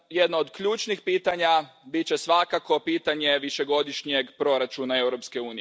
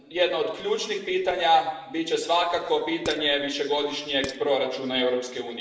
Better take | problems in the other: first | background sound (Dishes, pots, and pans); 17 dB below the speech // room echo; dies away in 0.9 s

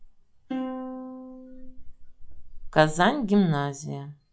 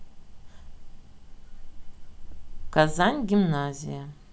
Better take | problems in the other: second | noise reduction (classical method log-MMSE)

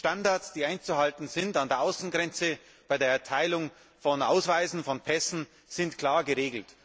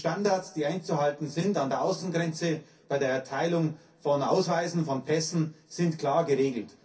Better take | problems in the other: first | room echo; dies away in 0.3 s

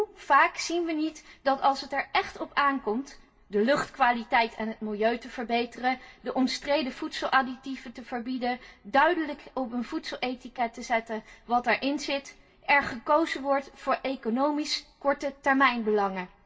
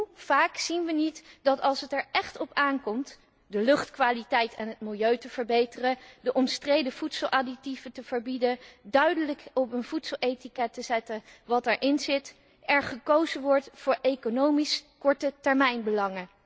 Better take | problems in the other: second | room echo; dies away in 0.2 s

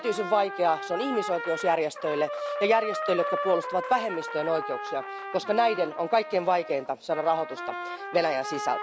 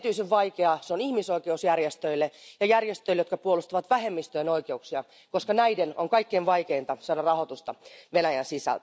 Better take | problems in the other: second | background sound (Trumpet); 7 dB below the speech

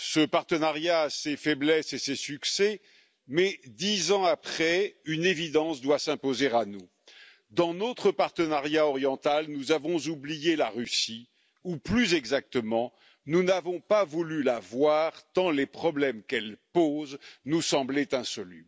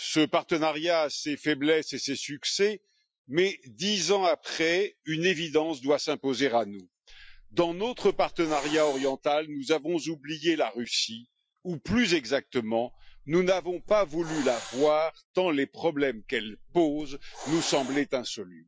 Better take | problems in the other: first | noise reduction (classical method Wiener filter)

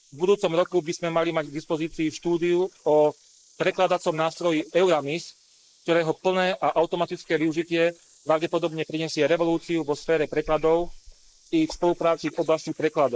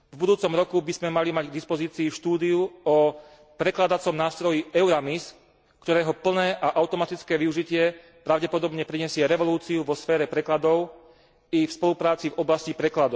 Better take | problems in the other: second | noise reduction (neural mask model Resemble Enhance denoiser)

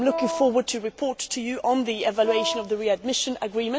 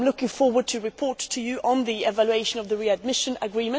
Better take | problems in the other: second | background sound (Wind instrument, woodwind instrument); 6 dB below the speech

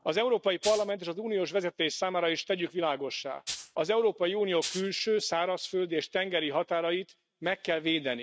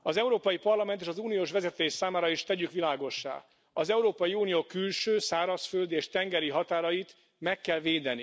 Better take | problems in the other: second | noise reduction (neural mask model RNNoise)

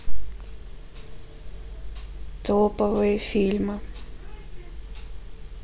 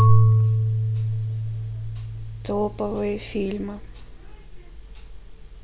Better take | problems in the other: first | background sound (Marimba, xylophone / Wood); 4 dB above the speech

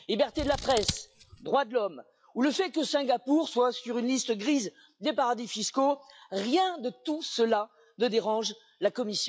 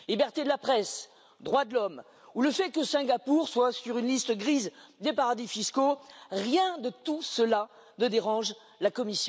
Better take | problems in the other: second | noise reduction (classical method log-MMSE)

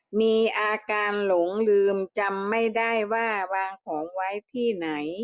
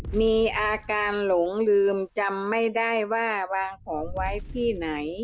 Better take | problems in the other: first | background sound (Fire); 14 dB below the speech

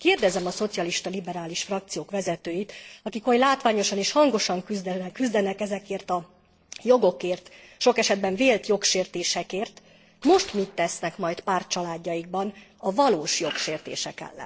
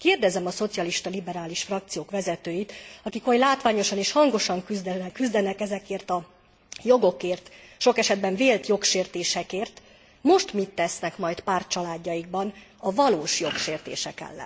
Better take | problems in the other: second | noise reduction (neural separator model SepFormer DNS4)

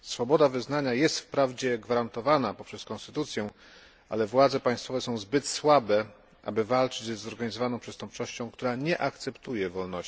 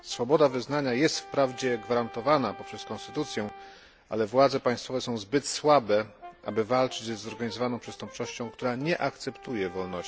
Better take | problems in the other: first | background sound (Brass instrument); 19 dB below the speech

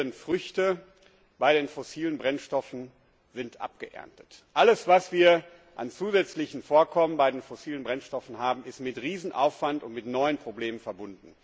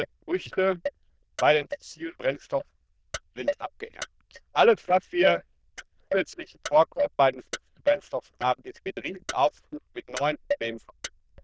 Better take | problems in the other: first | noise reduction (neural diffusion model UNIVERSE++)

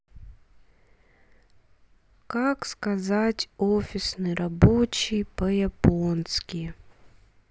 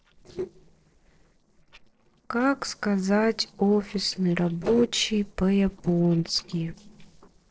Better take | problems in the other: first | noise reduction (neural separator model SepFormer DNS4)

